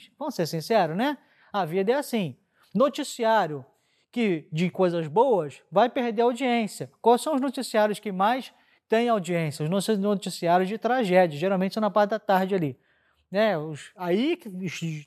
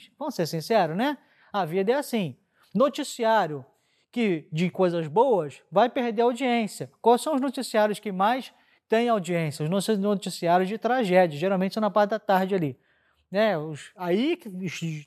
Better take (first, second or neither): neither